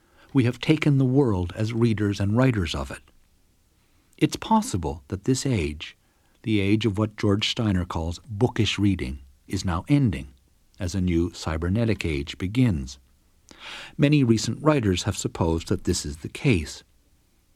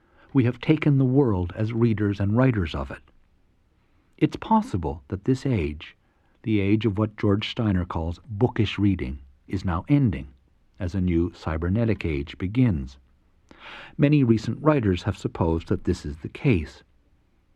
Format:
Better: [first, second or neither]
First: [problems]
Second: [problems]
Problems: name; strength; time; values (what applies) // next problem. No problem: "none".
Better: first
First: none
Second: muffled; slightly; fading above 4 kHz